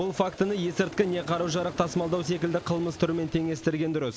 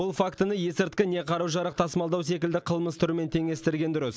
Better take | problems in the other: second | background sound (Aircraft); 17 dB below the speech

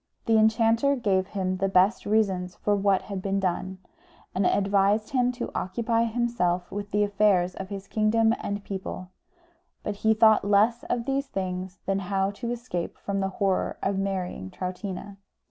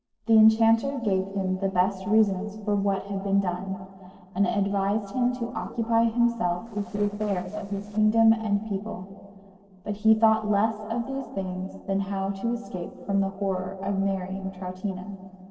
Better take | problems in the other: first | noise reduction (neural separator model SepFormer DNS4)

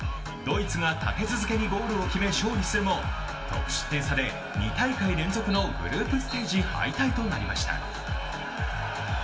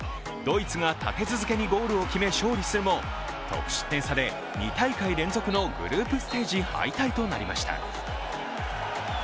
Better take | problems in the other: second | room echo; dies away in 0.6 s

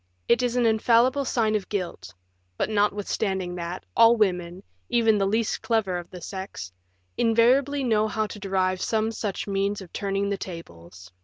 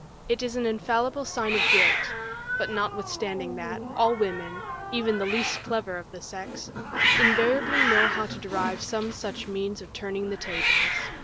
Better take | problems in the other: first | background sound (Hiss); 1 dB above the speech

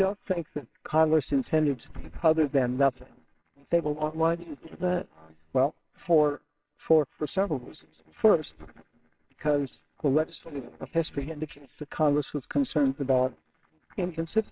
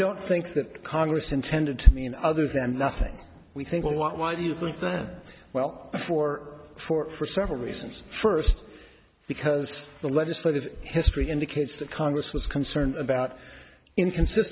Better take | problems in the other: second | noise reduction (neural separator model SepFormer WHAMR!)

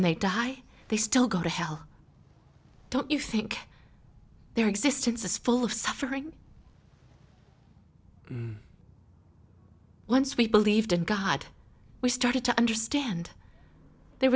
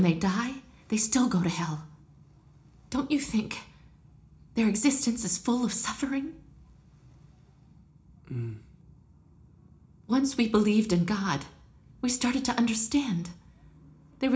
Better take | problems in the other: first | room echo; dies away in 0.4 s

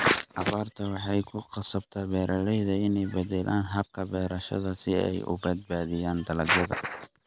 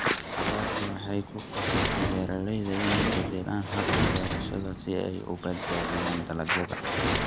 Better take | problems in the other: first | background sound (Sliding door); 1 dB above the speech

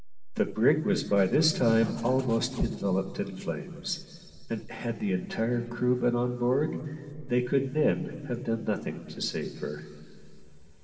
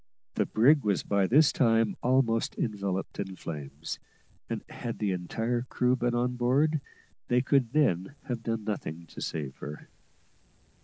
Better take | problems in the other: second | background sound (Zipper (clothing)); 10 dB below the speech // room echo; dies away in 2.5 s

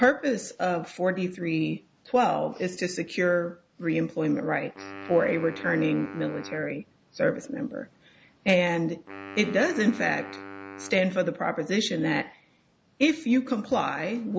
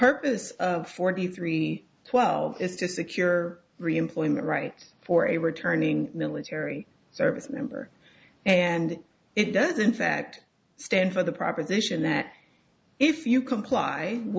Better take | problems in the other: second | background sound (Wind instrument, woodwind instrument); 16 dB below the speech

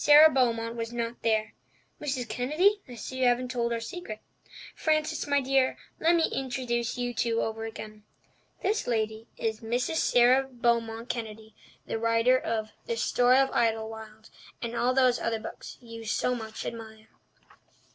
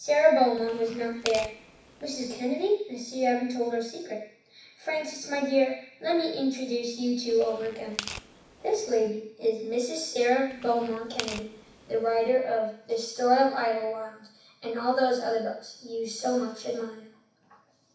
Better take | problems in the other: first | background sound (Tearing); 14 dB below the speech // room echo; dies away in 0.7 s

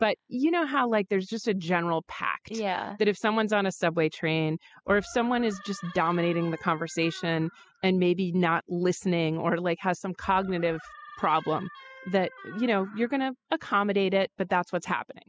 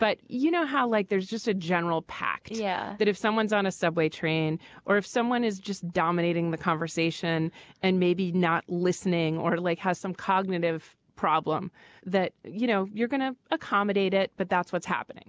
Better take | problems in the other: second | noise reduction (classical method spectral subtraction)

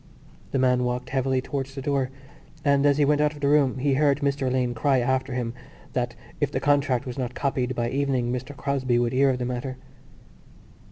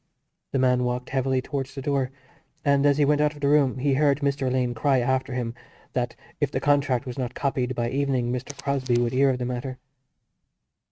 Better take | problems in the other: first | noise reduction (neural mask model RNNoise)

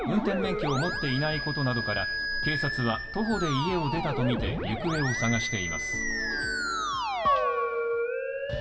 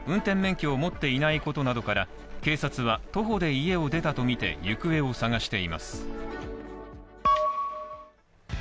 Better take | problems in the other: second | background sound (Musical instrument); 1 dB below the speech // room echo; dies away in 0.7 s

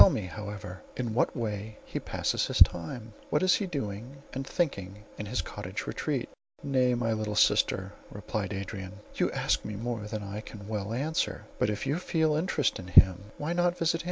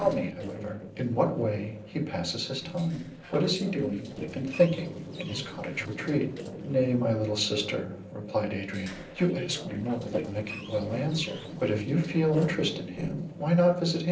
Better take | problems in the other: first | noise reduction (neural separator model SepFormer DNS4)

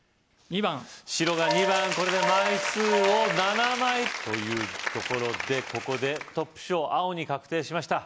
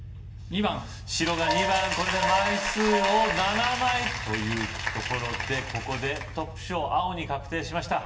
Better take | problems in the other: first | background sound (Engine starting / Car); 13 dB below the speech // room echo; dies away in 0.9 s

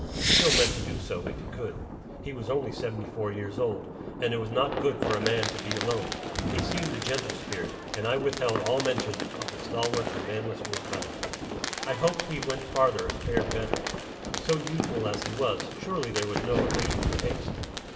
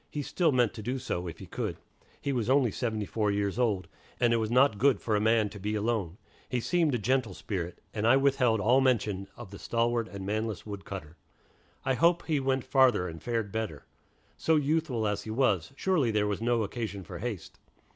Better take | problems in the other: second | background sound (Fireworks); 1 dB below the speech // room echo; dies away in 1.2 s

